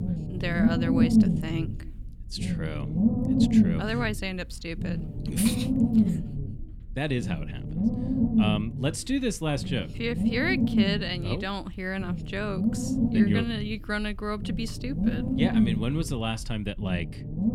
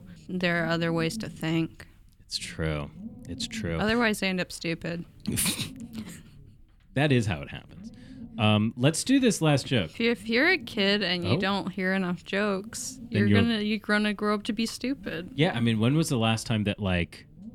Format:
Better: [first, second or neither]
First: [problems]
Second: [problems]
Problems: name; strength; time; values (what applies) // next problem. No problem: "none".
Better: second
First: low rumble; loud; throughout; as loud as the speech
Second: low rumble; faint; throughout; 25 dB below the speech